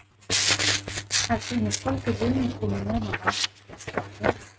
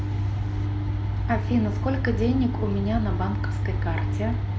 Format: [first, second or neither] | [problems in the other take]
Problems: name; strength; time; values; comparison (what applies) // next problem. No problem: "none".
second | noise reduction (neural mask model RNNoise)